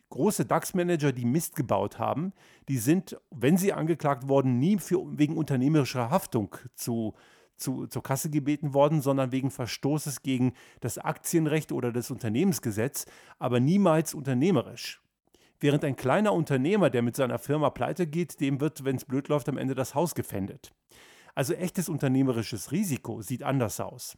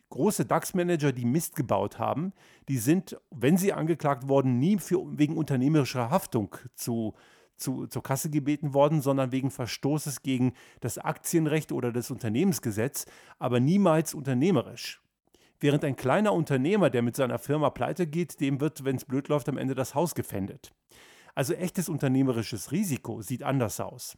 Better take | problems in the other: neither | none

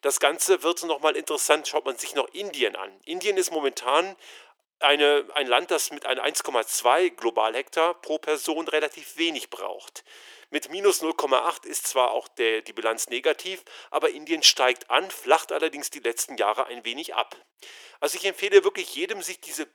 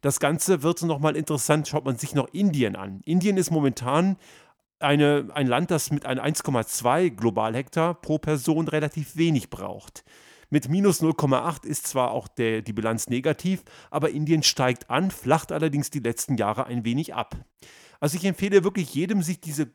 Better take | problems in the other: second | thin; very; fading below 400 Hz

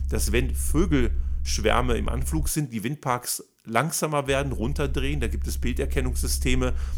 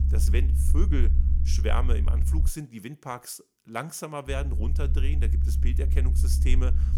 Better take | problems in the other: first | low rumble; loud; until 2.5 s and from 4.5 s on; 7 dB below the speech; faint in the first

